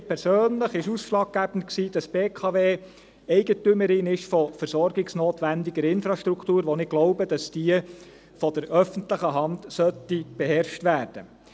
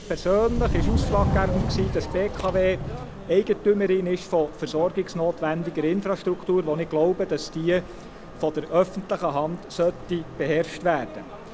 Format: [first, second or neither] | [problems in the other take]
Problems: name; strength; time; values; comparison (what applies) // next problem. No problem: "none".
first | background sound (Subway, metro, underground); 6 dB below the speech